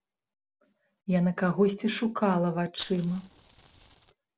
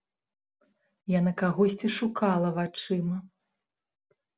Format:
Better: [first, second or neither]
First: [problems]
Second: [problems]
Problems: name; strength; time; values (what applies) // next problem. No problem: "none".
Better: second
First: background sound (Fire); 18 dB below the speech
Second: none